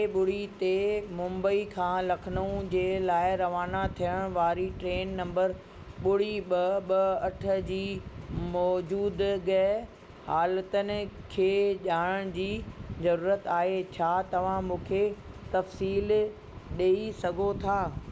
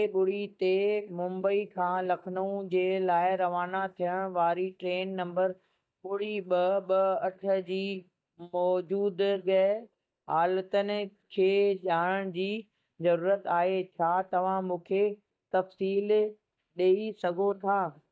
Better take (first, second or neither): first